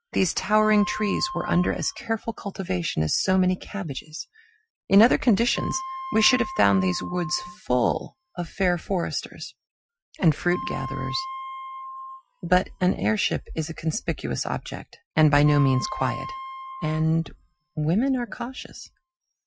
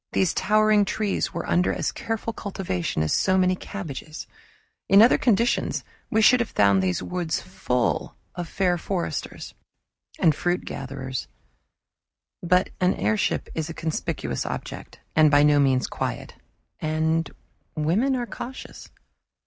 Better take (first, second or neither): second